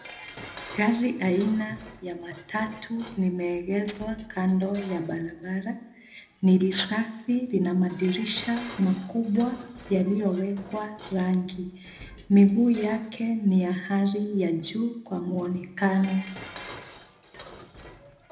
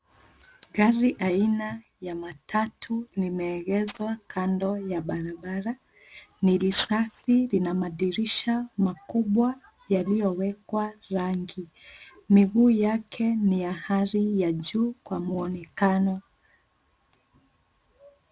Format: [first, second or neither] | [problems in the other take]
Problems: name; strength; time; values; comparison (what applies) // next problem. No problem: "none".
second | background sound (Dishes, pots, and pans); 20 dB below the speech // room echo; dies away in 0.7 s